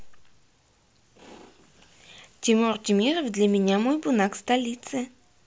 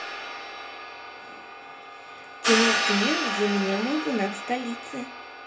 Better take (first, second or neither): first